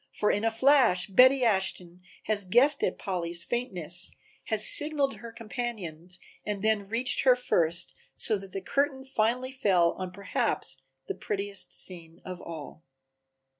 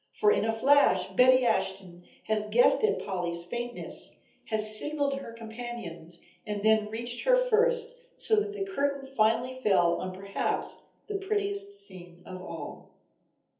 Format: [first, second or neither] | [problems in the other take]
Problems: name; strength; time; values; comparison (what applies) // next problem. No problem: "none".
first | room echo; dies away in 0.7 s